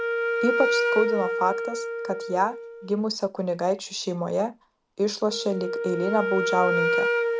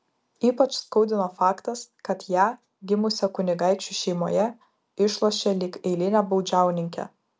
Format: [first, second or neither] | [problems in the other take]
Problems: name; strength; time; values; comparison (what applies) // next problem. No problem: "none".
second | background sound (Wind instrument, woodwind instrument); 1 dB below the speech